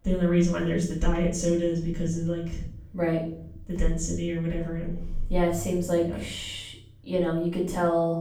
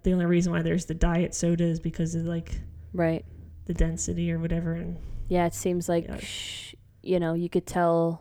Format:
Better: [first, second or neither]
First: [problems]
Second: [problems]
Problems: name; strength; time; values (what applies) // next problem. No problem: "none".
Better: second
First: room echo; noticeable; dies away in 0.5 s // off-mic speech; far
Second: none